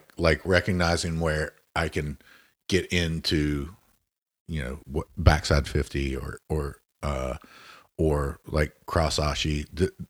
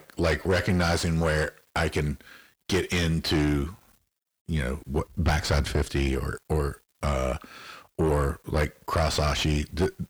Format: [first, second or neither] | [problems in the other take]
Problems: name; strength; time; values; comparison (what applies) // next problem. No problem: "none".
first | distortion; heavy; 6 dB below the speech